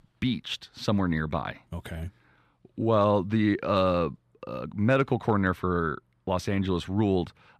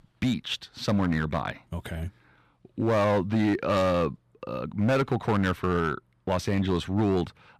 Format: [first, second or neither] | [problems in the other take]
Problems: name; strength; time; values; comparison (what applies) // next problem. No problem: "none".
first | distortion; slight; 8% of the sound clipped